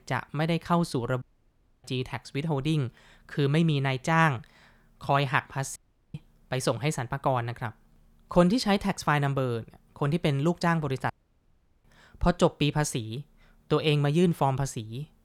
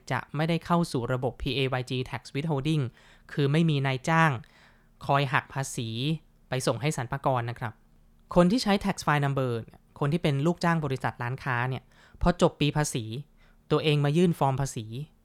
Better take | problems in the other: second | audio cutting out; at 1 s for 0.5 s, at 6 s and at 11 s for 0.5 s

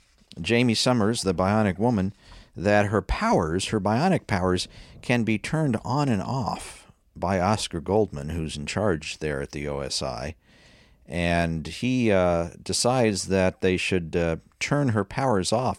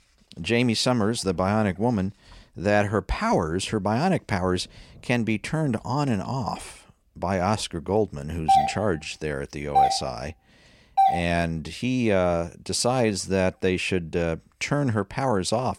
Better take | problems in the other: first | doorbell; loud; from 8.5 to 11 s; peak 4 dB above the speech

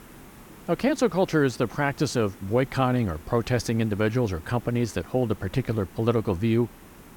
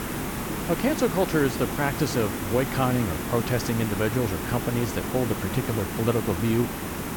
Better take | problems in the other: first | hiss; loud; throughout; 4 dB below the speech; faint in the first

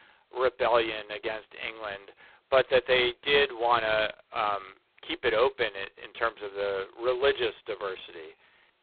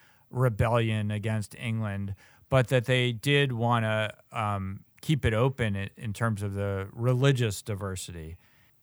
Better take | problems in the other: second | phone-call audio; poor line

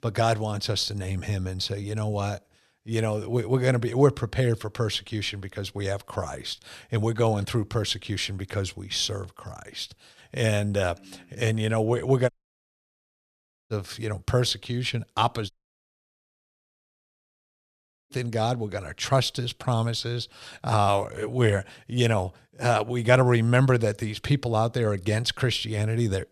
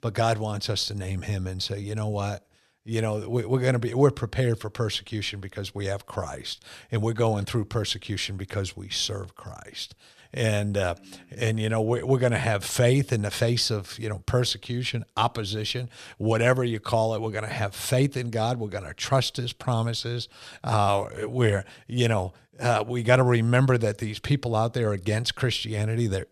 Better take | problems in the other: second | audio cutting out; at 12 s for 1.5 s and at 16 s for 2.5 s

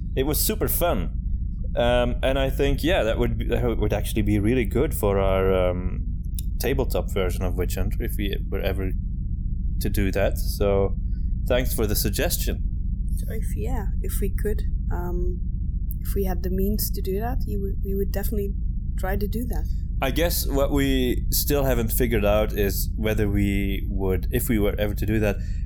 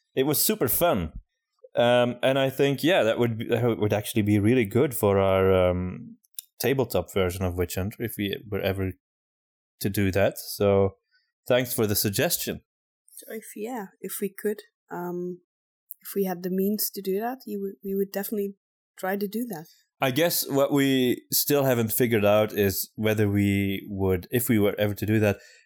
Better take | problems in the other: second | low rumble; noticeable; throughout; 20 dB below the speech

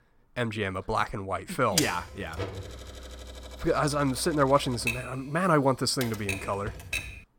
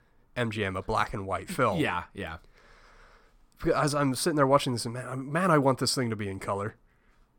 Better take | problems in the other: second | keyboard typing; noticeable; from 2 s on; peak level with the speech

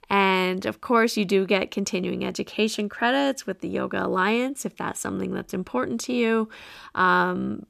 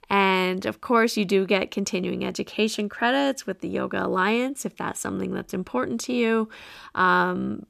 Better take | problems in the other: neither | none

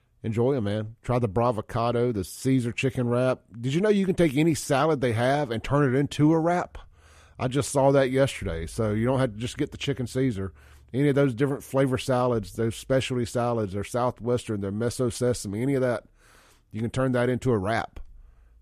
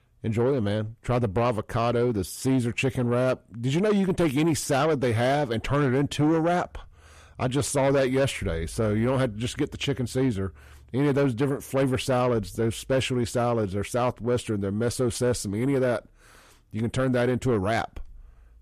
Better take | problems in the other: first | distortion; slight; 10 dB below the speech

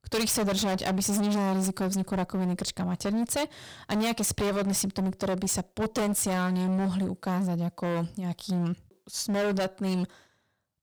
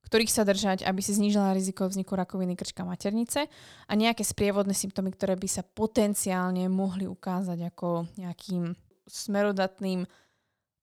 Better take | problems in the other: second | distortion; heavy; 25% of the sound clipped

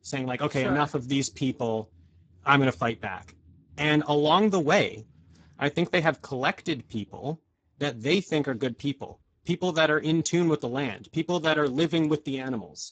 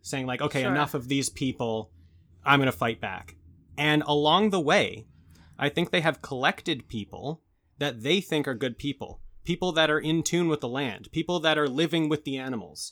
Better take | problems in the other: second | garbled, watery; badly; nothing above 7.5 kHz

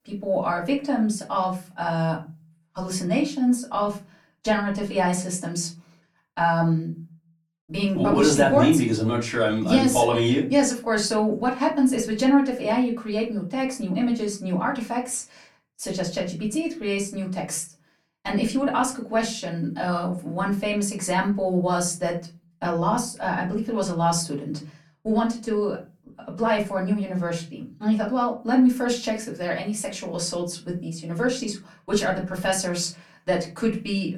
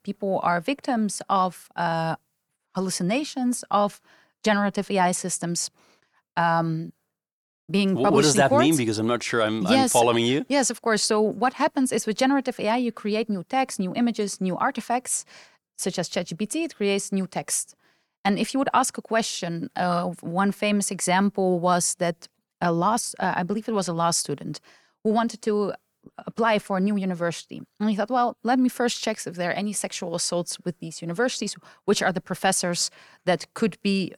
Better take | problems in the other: second | off-mic speech; far // room echo; very slight; dies away in 0.4 s

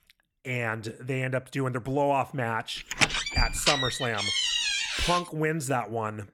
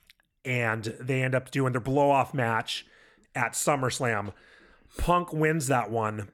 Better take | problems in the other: second | door banging; loud; from 3 to 5 s; peak 6 dB above the speech

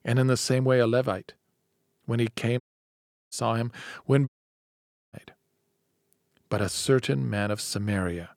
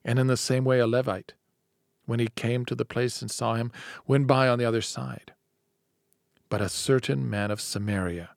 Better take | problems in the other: second | audio cutting out; at 2.5 s for 0.5 s and at 4.5 s for 1 s

